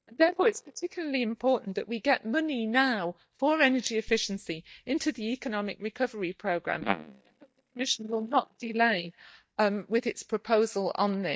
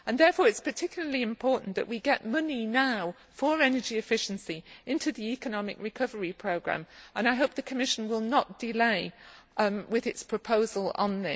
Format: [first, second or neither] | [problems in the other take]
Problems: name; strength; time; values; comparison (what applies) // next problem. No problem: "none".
second | noise reduction (neural mask model DeepFilterNet 3)